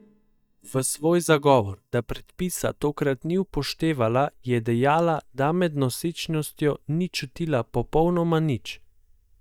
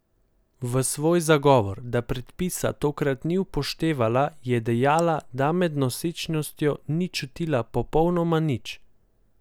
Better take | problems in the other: second | noise reduction (neural mask model DeepFilterNet 3)

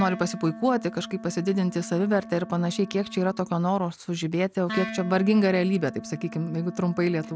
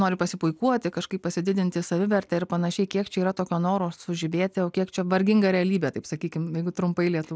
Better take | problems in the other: second | background sound (Wind instrument, woodwind instrument); 14 dB below the speech

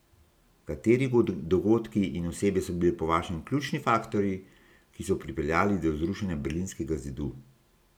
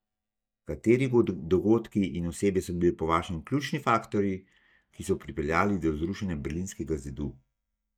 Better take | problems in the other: first | noise reduction (neural mask model DeepFilterNet 3)

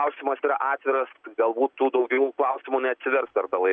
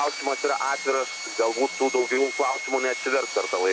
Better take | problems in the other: first | background sound (Sawing); 8 dB below the speech

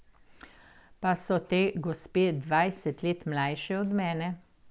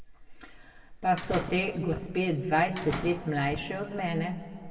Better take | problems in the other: first | background sound (Slam); 9 dB below the speech // room echo; dies away in 1.6 s

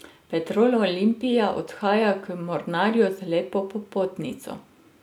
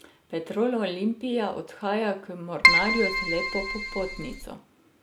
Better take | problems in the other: first | background sound (Keyboard (musical)); 5 dB above the speech

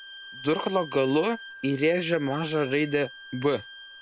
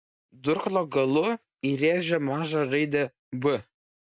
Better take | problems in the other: second | background sound (Bowed string instrument); 16 dB below the speech

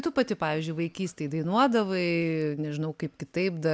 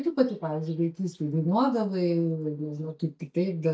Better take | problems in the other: first | noise reduction (neural mask model DeepFilterNet 3)

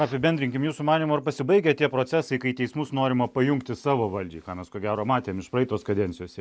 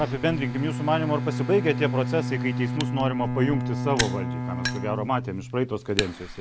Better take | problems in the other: first | background sound (Bowed string instrument + Fire); 2 dB below the speech

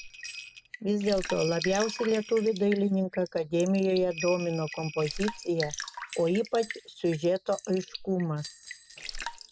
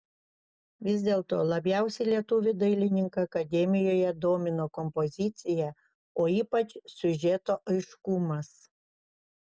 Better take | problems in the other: second | background sound (Raindrop / Drip + Bell); 12 dB below the speech

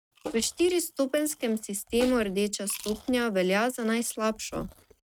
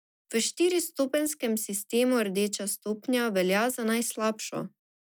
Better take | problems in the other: second | noise reduction (neural mask model RNNoise)

